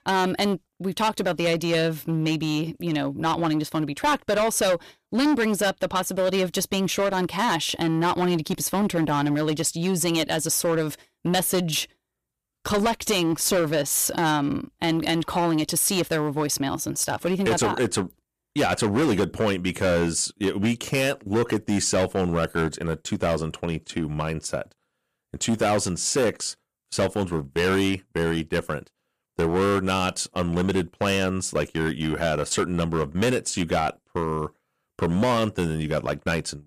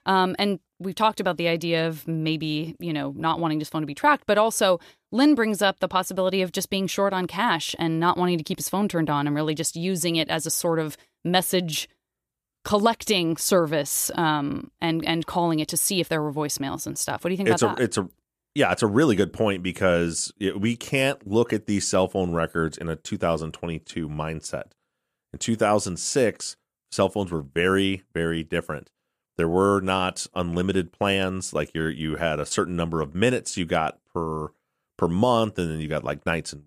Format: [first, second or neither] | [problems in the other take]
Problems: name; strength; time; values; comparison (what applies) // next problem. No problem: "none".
second | distortion; heavy; 10% of the sound clipped